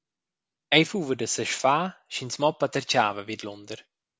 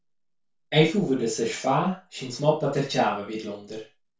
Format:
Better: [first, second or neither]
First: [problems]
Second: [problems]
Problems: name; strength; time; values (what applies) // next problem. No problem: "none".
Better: first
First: none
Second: room echo; dies away in 0.2 s